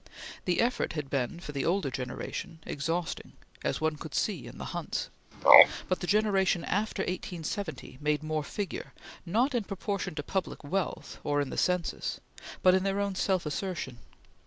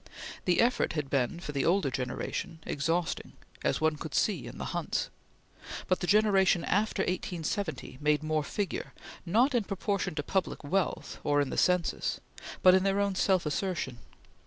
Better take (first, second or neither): second